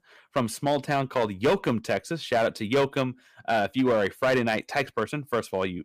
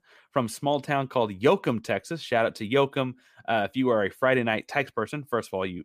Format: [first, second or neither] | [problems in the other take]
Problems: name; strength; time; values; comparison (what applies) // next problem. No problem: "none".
second | distortion; slight; 5% of the sound clipped